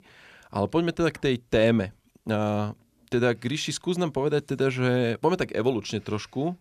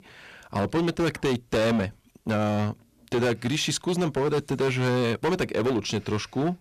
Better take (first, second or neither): first